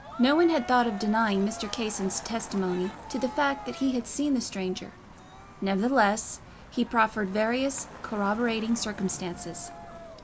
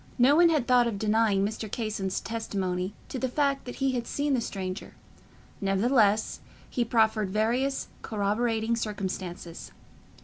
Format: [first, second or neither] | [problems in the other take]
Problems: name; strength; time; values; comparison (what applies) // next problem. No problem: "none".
second | background sound (Motor vehicle (road) + Cheering); 15 dB below the speech